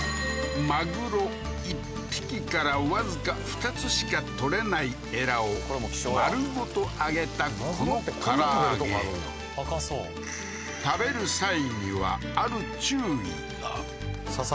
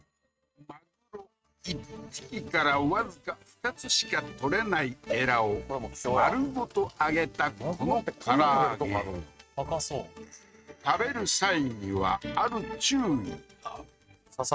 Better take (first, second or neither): first